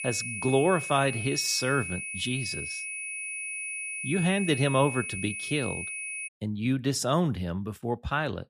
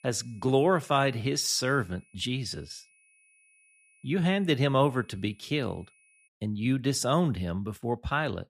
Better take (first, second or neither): second